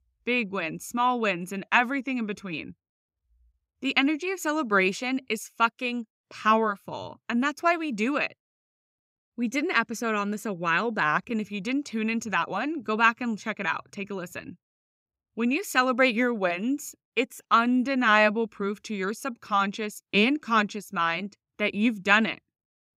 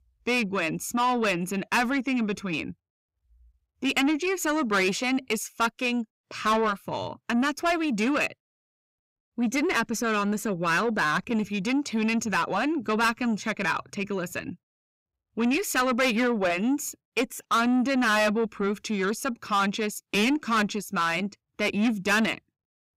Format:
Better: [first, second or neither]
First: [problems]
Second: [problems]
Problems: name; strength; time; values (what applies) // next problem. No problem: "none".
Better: first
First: none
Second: distortion; heavy; 7 dB below the speech